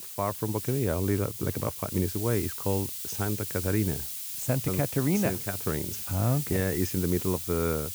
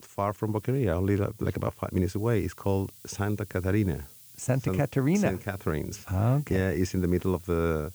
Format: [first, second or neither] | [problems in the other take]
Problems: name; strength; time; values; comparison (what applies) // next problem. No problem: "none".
second | hiss; loud; throughout; 4 dB below the speech; faint in the second